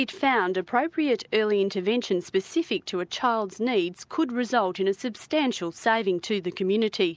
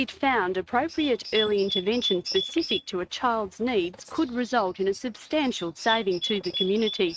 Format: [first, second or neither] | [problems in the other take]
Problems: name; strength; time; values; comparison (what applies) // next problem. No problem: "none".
first | noise reduction (neural mask model RNNoise)